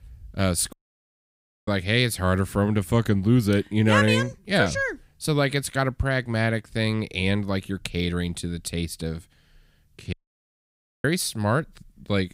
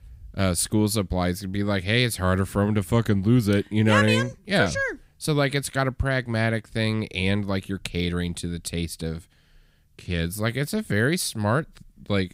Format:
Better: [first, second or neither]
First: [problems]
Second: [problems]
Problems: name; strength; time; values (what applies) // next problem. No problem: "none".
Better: second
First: audio cutting out; at 0.5 s for 1 s and at 10 s for 1 s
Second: none